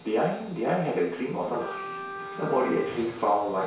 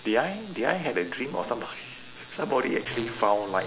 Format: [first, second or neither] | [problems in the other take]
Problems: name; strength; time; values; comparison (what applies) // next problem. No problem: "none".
second | background sound (Trumpet); 12 dB below the speech // room echo; dies away in 0.6 s